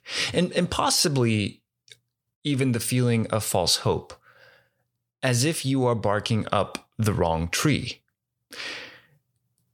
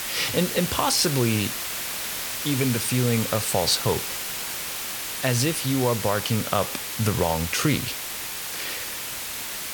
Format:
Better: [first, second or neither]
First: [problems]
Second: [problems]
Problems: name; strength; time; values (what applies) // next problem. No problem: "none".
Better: first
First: none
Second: hiss; loud; throughout; 4 dB below the speech